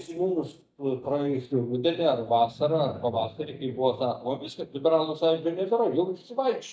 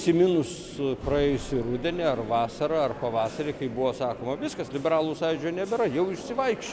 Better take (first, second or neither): second